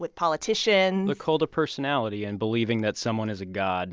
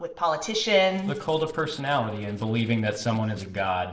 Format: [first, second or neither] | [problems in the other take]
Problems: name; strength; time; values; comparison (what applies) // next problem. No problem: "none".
first | noise reduction (neural separator model SepFormer DNS4)